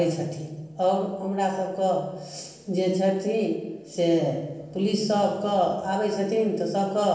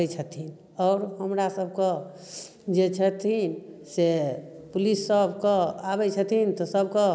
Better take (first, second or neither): second